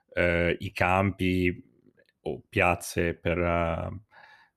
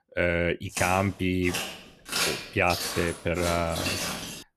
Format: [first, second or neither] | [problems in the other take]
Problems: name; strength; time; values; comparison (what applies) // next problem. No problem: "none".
first | footsteps; loud; from 1 s on; peak 1 dB above the speech